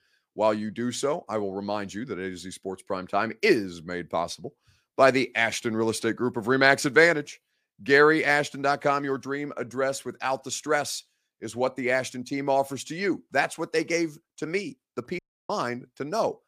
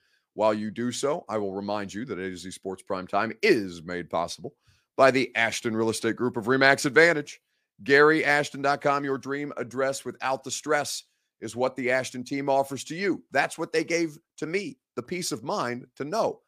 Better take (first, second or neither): second